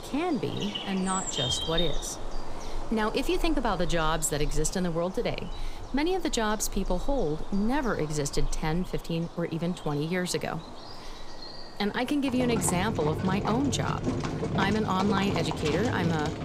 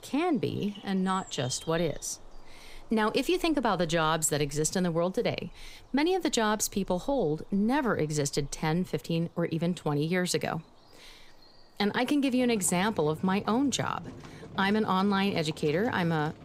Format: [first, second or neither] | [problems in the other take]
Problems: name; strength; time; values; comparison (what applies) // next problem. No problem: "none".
second | animal sounds; loud; throughout; 5 dB below the speech; faint in the second